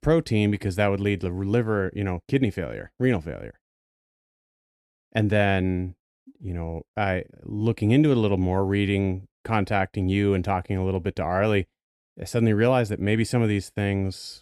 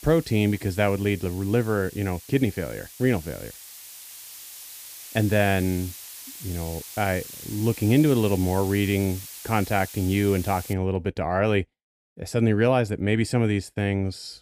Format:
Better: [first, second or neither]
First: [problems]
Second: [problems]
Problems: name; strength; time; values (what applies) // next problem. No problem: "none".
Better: first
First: none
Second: hiss; noticeable; until 11 s; 15 dB below the speech